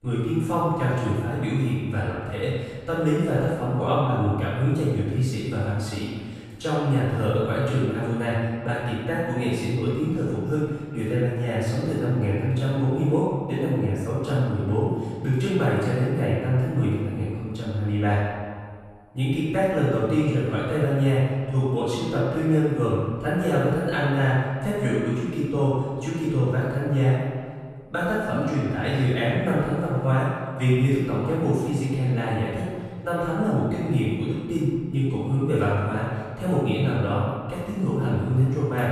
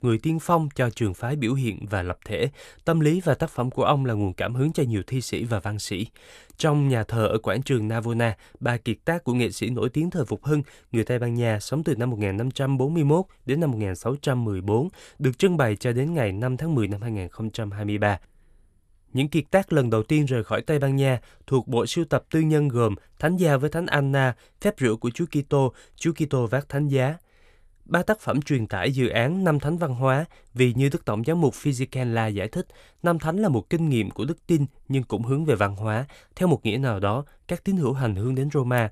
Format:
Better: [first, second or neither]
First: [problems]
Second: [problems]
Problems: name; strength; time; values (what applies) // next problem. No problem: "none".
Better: second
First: off-mic speech; far // room echo; strong; dies away in 1.7 s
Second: none